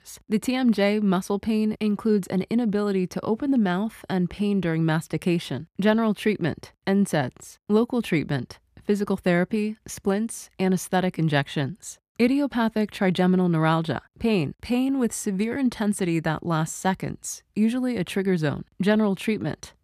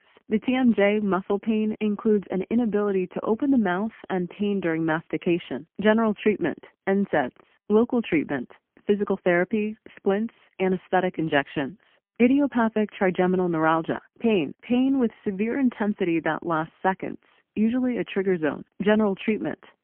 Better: first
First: none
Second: phone-call audio; poor line; nothing above 3 kHz

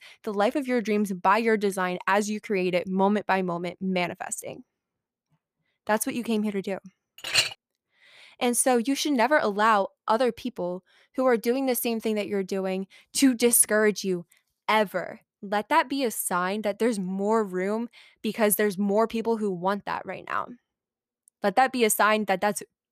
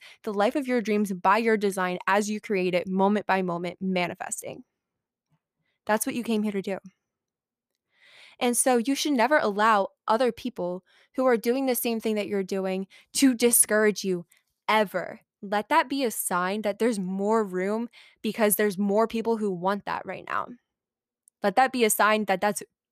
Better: second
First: clattering dishes; loud; at 7 s; peak 2 dB above the speech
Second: none

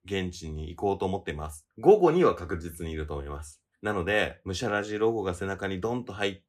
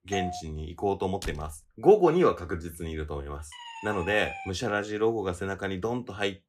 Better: first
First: none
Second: doorbell; noticeable; at the start; peak 7 dB below the speech // door banging; faint; at 1 s; peak 15 dB below the speech // siren; noticeable; at 3.5 s; peak 9 dB below the speech

